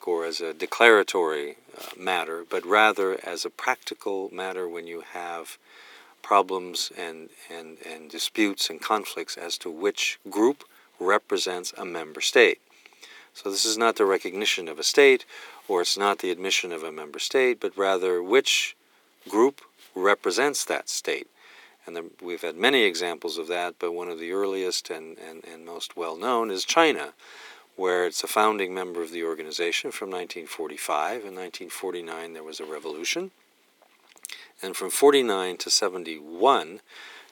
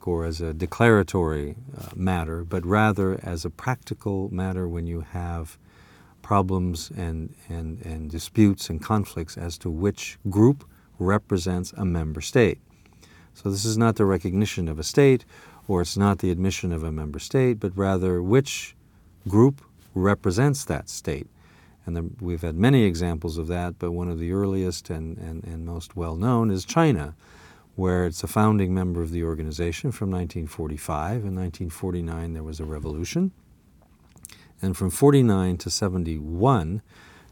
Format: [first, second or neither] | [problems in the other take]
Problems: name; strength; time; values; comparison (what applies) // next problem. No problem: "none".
second | thin; very; fading below 350 Hz